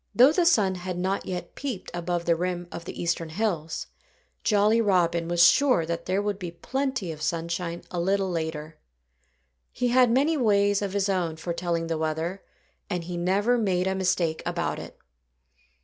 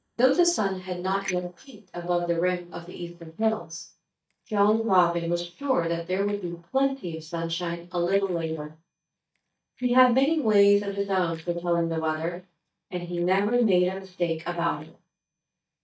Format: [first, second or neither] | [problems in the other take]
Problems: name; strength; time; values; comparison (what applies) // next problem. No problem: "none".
first | noise reduction (neural mask model DeepFilterNet 3)